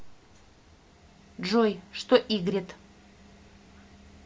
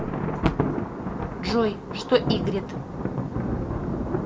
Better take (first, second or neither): first